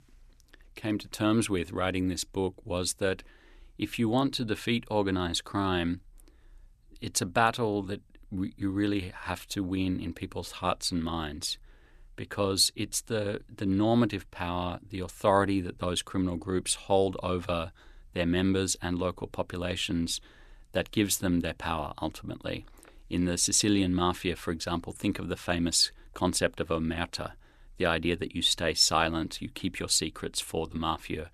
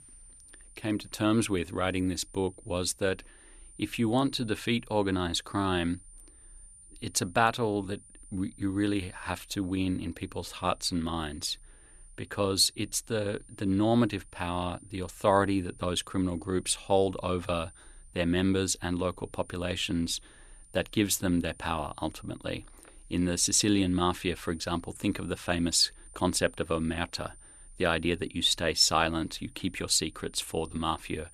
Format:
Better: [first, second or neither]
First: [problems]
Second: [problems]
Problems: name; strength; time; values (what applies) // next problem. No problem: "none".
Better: first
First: none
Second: high-pitched whine; faint; throughout; 9 kHz, 25 dB below the speech